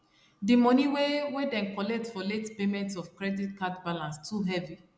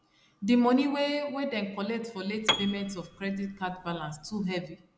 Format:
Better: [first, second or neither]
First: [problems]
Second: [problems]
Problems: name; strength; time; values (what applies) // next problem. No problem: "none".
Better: first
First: none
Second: background sound (Piano); 6 dB below the speech